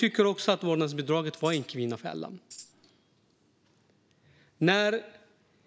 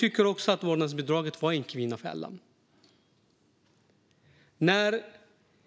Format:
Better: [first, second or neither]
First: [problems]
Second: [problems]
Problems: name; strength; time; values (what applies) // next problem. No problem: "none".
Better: second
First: background sound (Tambourine); 20 dB below the speech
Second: none